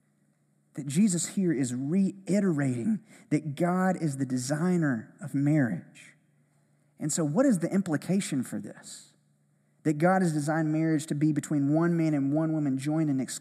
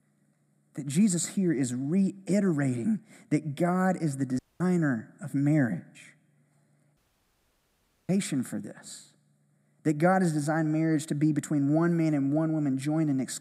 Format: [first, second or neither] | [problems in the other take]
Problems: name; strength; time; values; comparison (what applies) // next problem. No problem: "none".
first | audio cutting out; at 4.5 s and at 7 s for 1 s